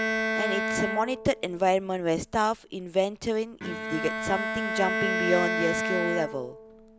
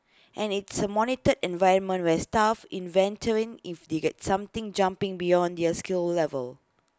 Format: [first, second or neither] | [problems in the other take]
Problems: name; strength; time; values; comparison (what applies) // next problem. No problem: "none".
second | background sound (Bowed string instrument); 2 dB below the speech